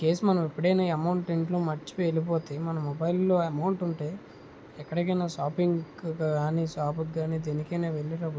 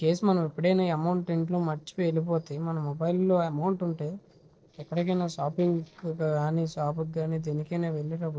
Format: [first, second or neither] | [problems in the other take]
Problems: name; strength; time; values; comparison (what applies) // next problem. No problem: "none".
first | noise reduction (neural separator model SepFormer DNS4)